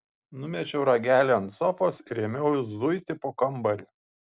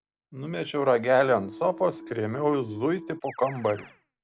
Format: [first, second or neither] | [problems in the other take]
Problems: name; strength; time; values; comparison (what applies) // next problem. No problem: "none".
first | background sound (Keyboard (musical)); 18 dB below the speech